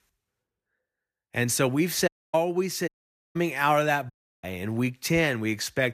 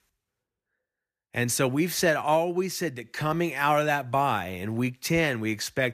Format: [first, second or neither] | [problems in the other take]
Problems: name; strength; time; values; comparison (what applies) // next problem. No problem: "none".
second | audio cutting out; at 2 s, at 3 s and at 4 s